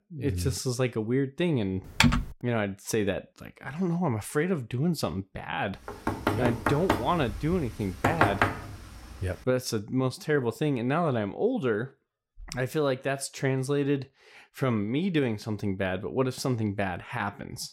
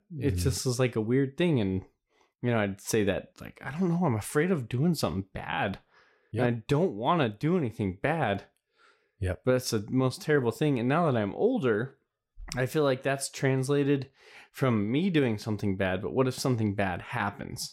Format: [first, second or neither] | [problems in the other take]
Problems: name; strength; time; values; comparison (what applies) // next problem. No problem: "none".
second | keyboard typing; loud; at 2 s; peak 6 dB above the speech // door banging; loud; from 6 to 8.5 s; peak 5 dB above the speech